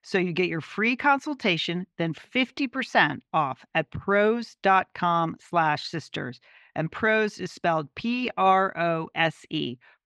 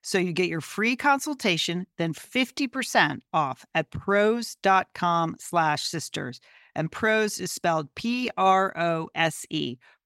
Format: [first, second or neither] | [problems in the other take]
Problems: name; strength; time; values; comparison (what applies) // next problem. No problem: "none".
second | muffled; very slightly; fading above 3 kHz